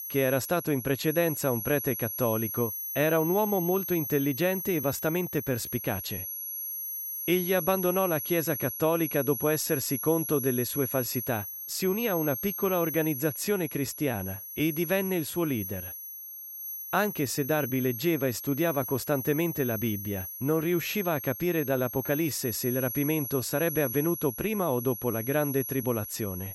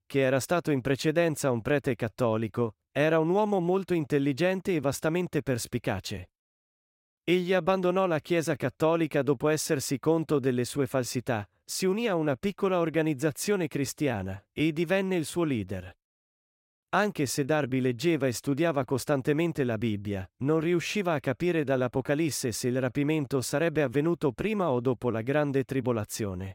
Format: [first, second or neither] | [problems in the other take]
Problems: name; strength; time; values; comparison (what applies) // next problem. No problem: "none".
second | high-pitched whine; loud; throughout; 11.5 kHz, 5 dB below the speech